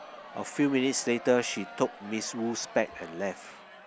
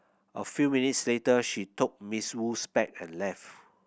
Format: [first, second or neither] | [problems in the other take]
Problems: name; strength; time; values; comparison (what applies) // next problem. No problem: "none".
second | background sound (Crowd); 16 dB below the speech